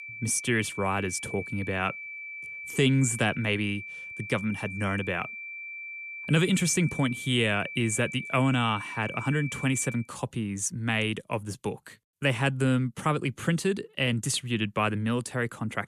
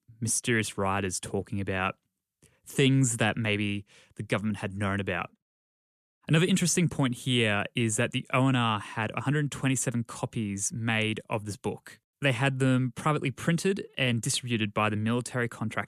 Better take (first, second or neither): second